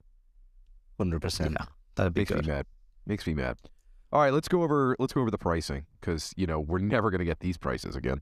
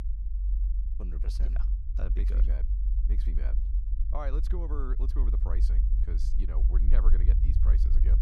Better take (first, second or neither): first